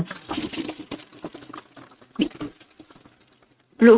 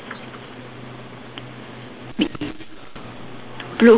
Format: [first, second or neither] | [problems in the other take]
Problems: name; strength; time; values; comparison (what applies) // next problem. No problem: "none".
second | noise reduction (neural mask model RNNoise)